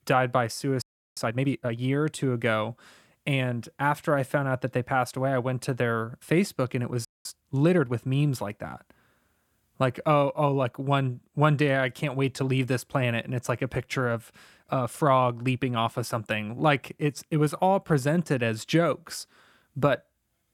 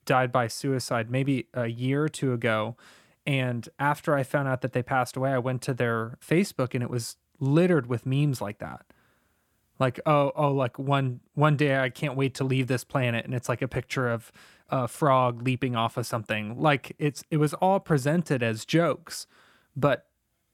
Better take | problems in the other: second | audio freezing; at 1 s and at 7 s

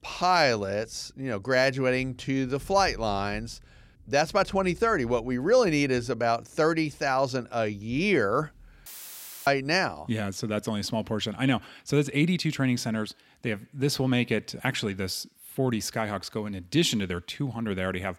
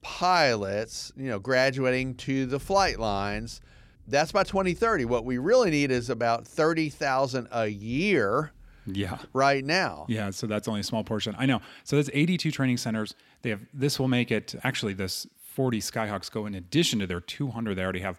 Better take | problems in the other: second | audio cutting out; filled with static; at 9 s for 0.5 s

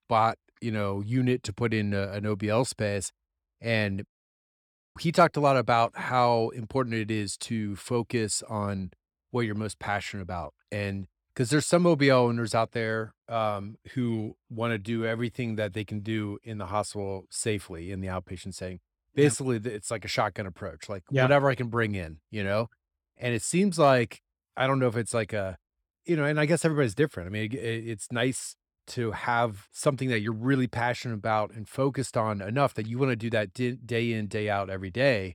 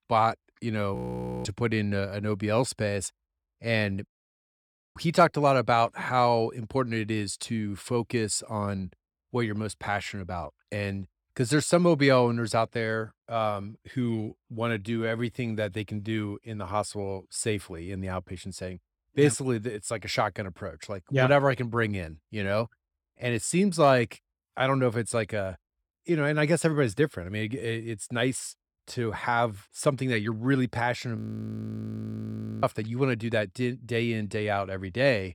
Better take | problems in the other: first | audio freezing; at 1 s for 0.5 s and at 31 s for 1.5 s

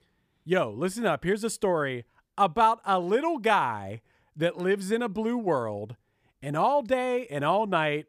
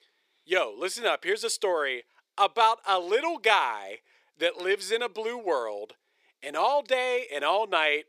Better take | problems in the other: first | thin; very; fading below 400 Hz

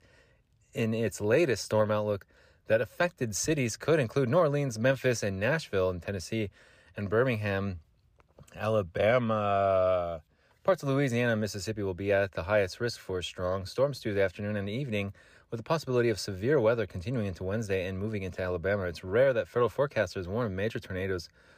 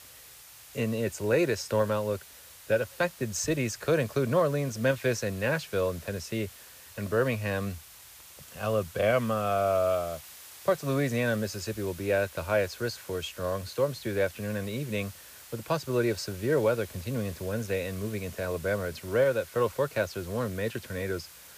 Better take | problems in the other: first | hiss; noticeable; throughout; 15 dB below the speech

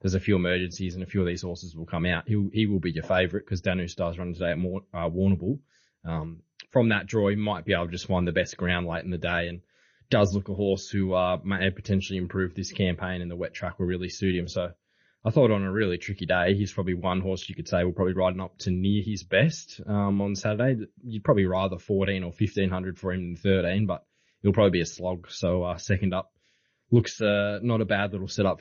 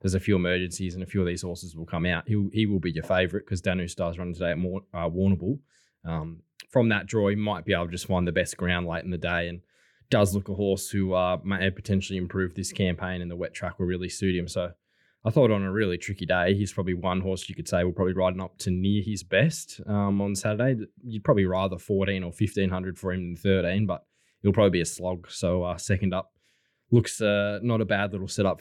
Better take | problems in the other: second | garbled, watery; slightly; nothing above 6.5 kHz

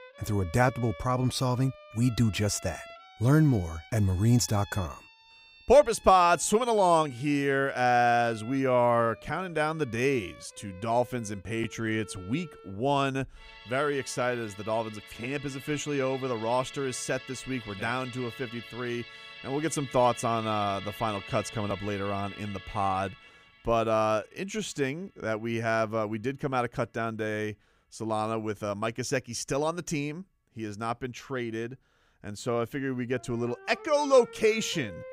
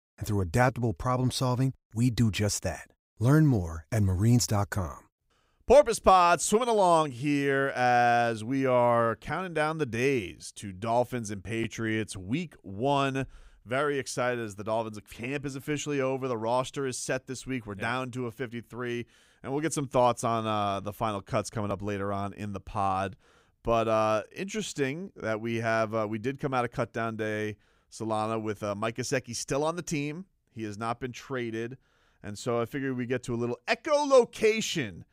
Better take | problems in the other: second | background music; noticeable; throughout; 15 dB below the speech

